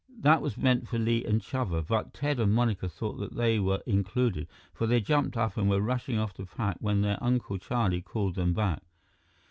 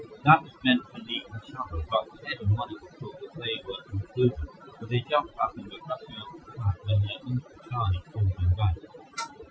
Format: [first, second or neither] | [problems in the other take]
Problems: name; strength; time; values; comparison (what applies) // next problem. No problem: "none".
first | noise reduction (classical method Wiener filter)